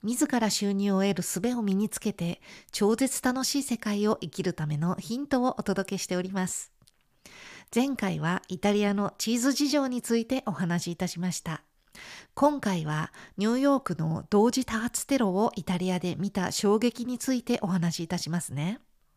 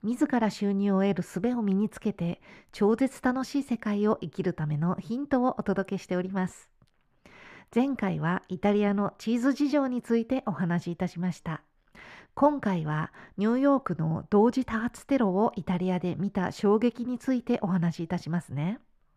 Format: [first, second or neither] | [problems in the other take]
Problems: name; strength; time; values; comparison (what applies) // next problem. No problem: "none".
first | muffled; very; fading above 3.5 kHz